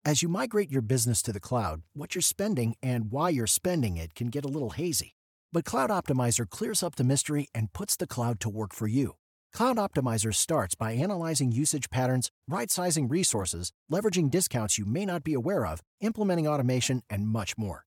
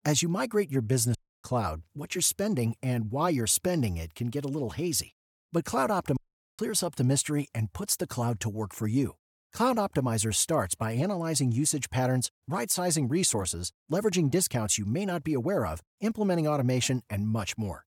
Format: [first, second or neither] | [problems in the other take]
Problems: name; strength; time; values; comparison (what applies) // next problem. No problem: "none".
first | audio cutting out; at 1 s and at 6 s